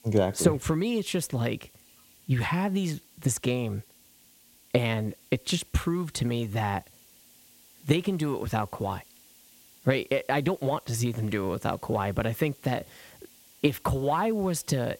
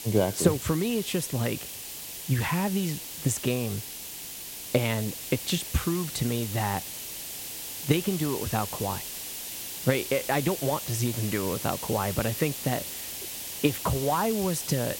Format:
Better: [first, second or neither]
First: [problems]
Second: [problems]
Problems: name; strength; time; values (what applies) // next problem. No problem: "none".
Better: first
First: hiss; faint; throughout; 25 dB below the speech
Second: hiss; loud; throughout; 6 dB below the speech